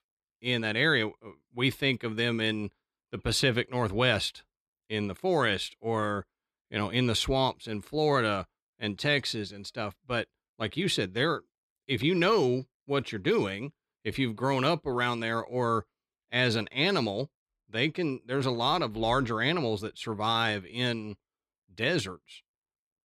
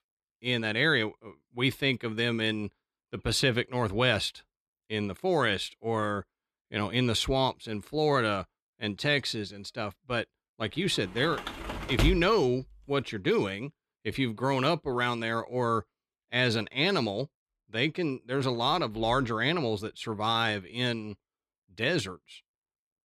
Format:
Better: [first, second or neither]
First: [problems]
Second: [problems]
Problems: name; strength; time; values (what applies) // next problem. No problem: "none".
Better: first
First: none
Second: door banging; noticeable; from 11 to 12 s; peak 1 dB below the speech